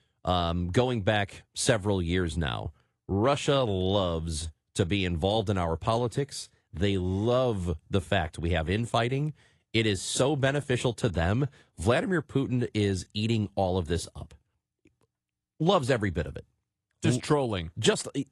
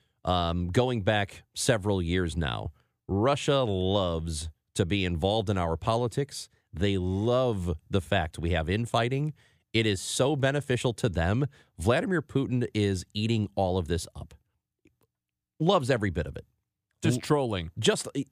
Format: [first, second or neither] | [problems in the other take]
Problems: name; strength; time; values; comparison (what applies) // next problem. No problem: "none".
second | garbled, watery; slightly